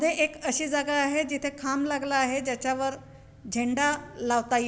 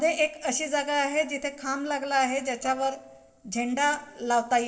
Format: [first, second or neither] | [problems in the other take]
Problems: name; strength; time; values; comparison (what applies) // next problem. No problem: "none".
first | noise reduction (neural separator model SepFormer DNS4)